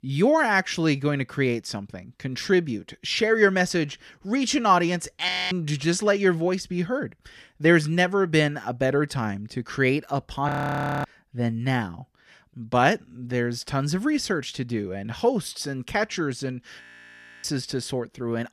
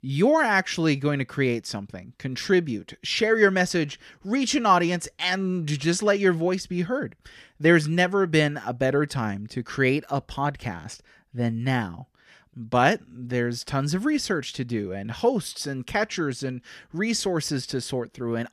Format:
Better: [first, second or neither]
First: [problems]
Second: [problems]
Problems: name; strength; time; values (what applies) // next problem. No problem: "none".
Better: second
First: audio freezing; at 5.5 s, at 10 s for 0.5 s and at 17 s for 0.5 s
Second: none